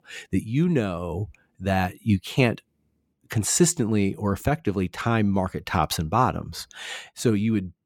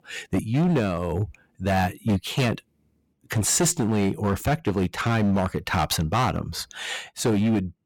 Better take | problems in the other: first | distortion; heavy; 13% of the sound clipped

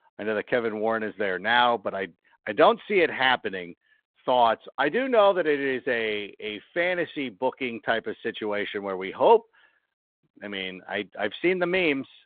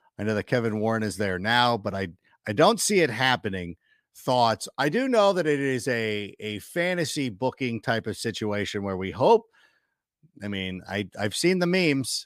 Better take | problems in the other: second | phone-call audio

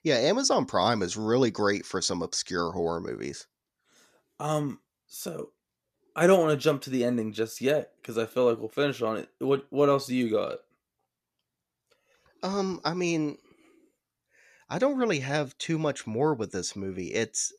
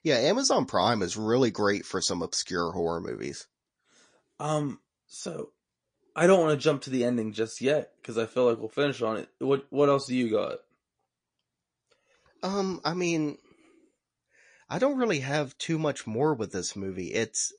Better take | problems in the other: first | garbled, watery; slightly; nothing above 9.5 kHz

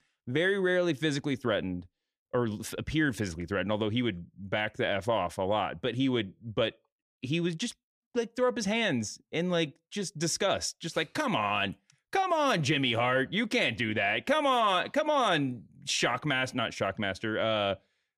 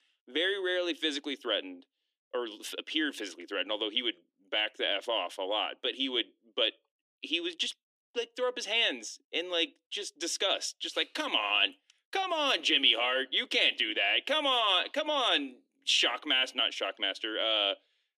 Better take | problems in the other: first | thin; somewhat; fading below 300 Hz

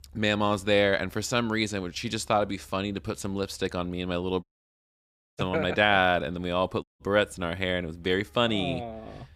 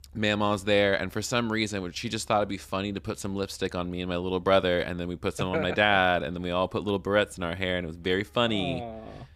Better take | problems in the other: second | audio cutting out; at 4.5 s for 1 s and at 7 s

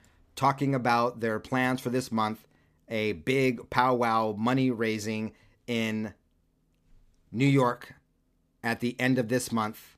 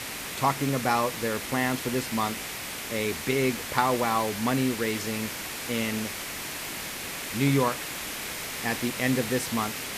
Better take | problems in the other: first | hiss; loud; throughout; 5 dB below the speech

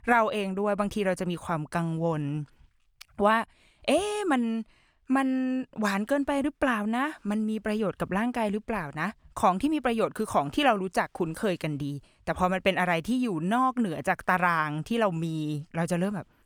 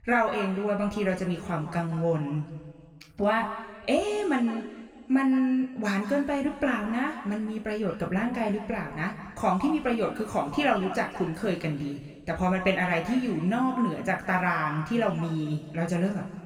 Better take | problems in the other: first | room echo; noticeable; dies away in 1.8 s // off-mic speech; somewhat distant

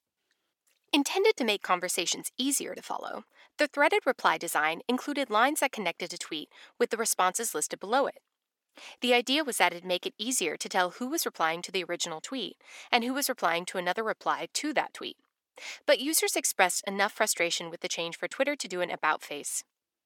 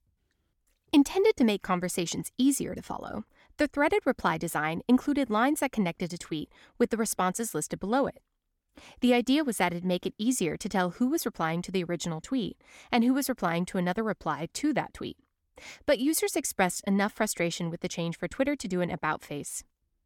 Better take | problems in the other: second | thin; somewhat; fading below 450 Hz

